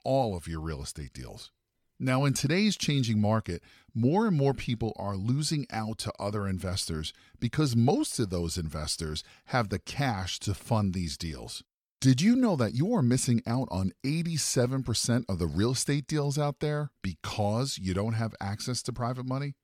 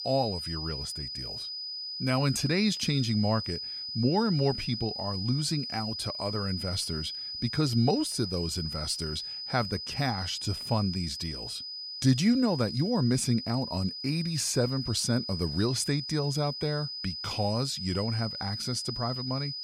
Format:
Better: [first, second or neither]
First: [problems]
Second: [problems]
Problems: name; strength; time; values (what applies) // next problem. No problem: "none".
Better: first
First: none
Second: high-pitched whine; loud; throughout; 5 kHz, 5 dB below the speech